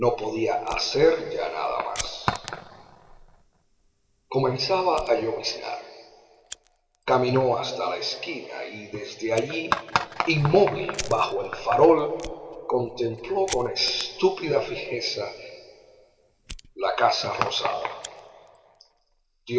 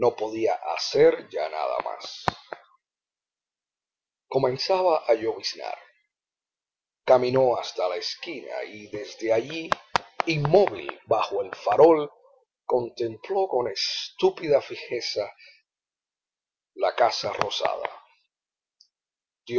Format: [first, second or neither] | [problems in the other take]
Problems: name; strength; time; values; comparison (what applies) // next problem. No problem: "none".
second | background sound (Fire); 18 dB below the speech // room echo; dies away in 2.2 s